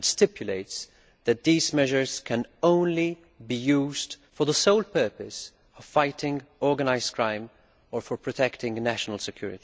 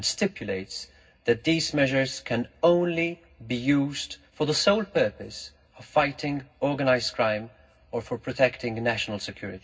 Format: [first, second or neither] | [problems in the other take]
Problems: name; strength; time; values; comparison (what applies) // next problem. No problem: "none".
first | room echo; dies away in 0.4 s